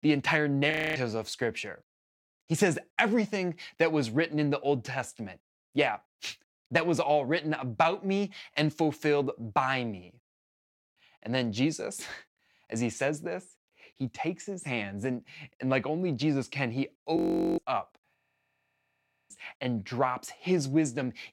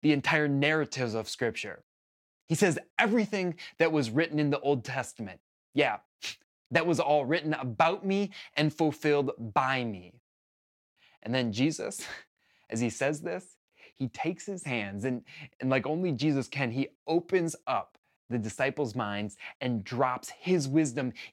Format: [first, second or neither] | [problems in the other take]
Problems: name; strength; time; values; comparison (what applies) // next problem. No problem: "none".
second | audio freezing; at 0.5 s, at 17 s and at 18 s for 1 s